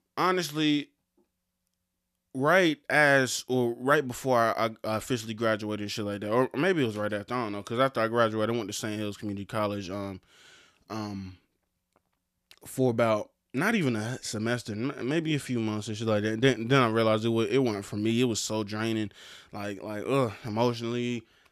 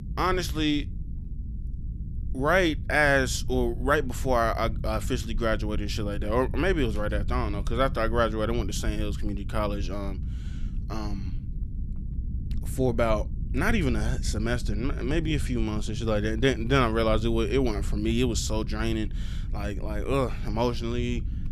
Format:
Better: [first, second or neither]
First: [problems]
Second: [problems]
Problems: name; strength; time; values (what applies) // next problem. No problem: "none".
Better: first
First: none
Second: low rumble; faint; throughout; 20 dB below the speech